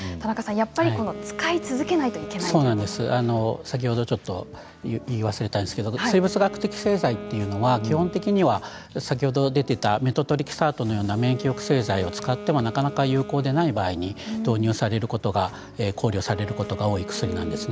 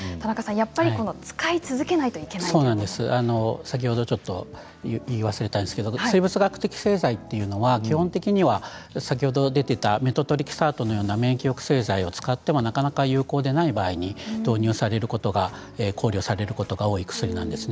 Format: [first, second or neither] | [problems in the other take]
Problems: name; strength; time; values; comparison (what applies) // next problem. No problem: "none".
second | background sound (Wind instrument, woodwind instrument); 15 dB below the speech